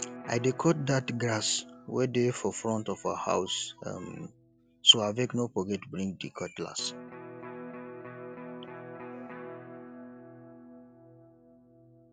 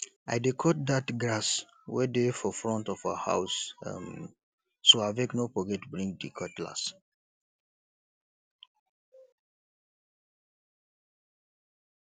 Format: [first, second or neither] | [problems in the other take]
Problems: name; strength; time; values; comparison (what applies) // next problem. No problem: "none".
second | background sound (Electric guitar); 15 dB below the speech